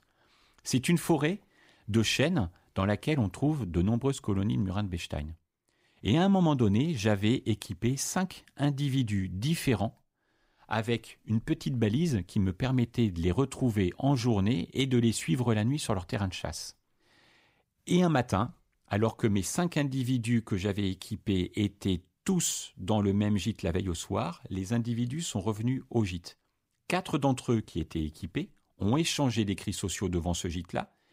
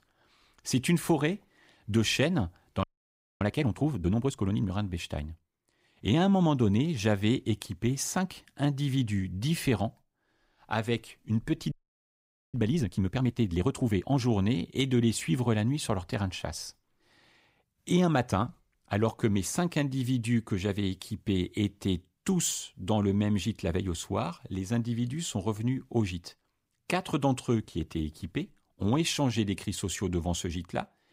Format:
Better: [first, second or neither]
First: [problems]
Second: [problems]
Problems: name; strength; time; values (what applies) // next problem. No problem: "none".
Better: first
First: none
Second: audio freezing; at 3 s for 0.5 s and at 12 s for 1 s